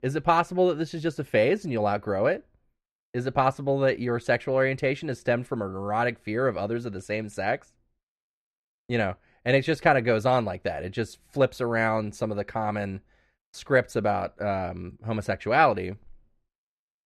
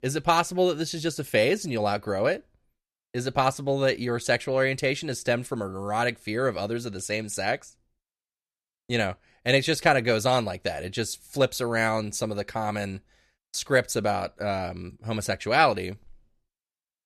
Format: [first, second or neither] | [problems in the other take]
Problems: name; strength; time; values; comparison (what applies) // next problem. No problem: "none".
second | muffled; slightly; fading above 3.5 kHz